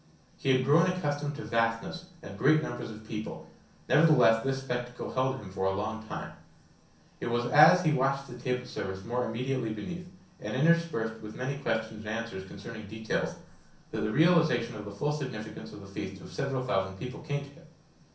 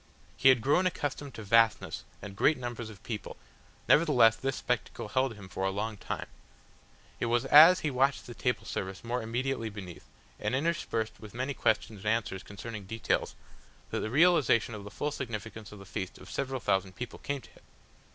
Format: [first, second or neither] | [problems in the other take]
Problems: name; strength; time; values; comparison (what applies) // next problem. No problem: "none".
second | room echo; dies away in 0.6 s